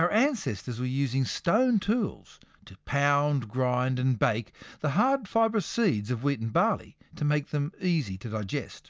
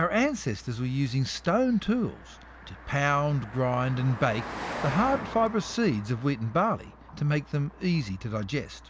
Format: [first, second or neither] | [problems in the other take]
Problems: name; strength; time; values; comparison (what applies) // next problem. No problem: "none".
first | background sound (Car passing by); 14 dB below the speech